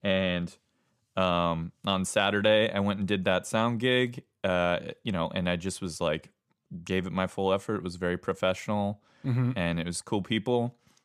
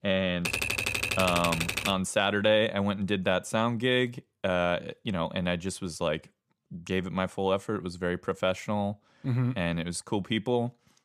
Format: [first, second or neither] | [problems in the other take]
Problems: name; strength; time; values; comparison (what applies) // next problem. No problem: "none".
first | keyboard typing; loud; until 2 s; peak 1 dB above the speech